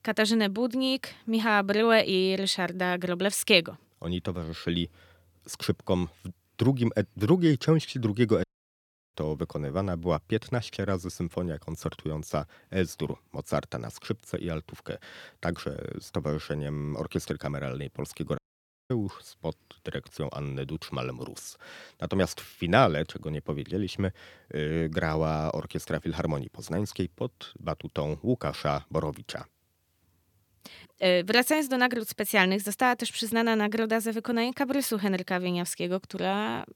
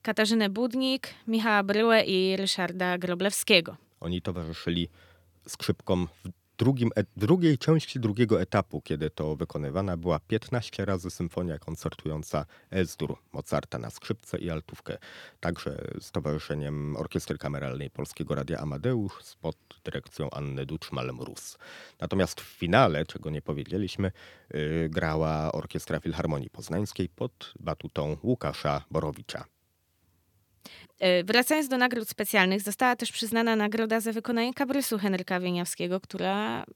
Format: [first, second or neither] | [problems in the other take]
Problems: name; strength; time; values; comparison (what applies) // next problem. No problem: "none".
second | audio cutting out; at 8.5 s for 0.5 s and at 18 s for 0.5 s